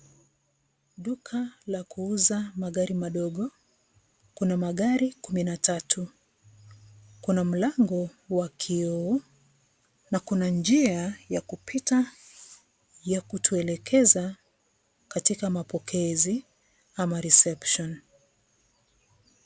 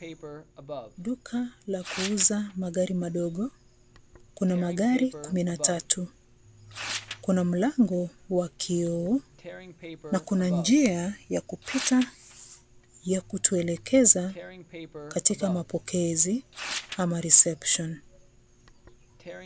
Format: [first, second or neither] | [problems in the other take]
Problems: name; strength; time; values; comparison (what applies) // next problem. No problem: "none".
first | background sound (Tearing); 15 dB below the speech